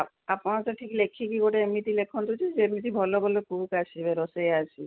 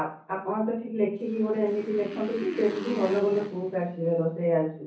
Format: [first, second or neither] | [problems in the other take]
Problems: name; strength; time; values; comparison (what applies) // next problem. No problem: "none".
first | background sound (Motorcycle); 15 dB below the speech // room echo; dies away in 0.6 s